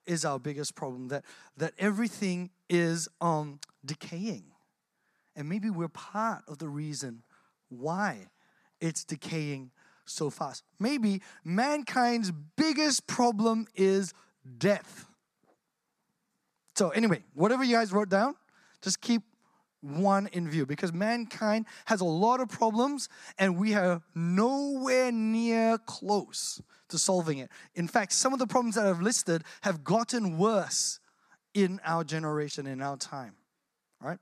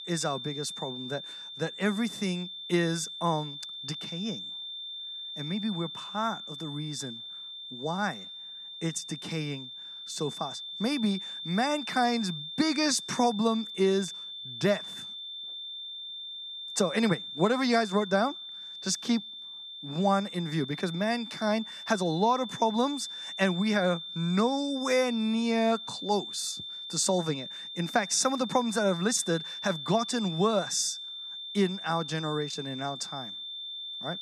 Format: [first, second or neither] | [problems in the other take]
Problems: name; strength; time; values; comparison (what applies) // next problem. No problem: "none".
first | high-pitched whine; loud; throughout; 3.5 kHz, 8 dB below the speech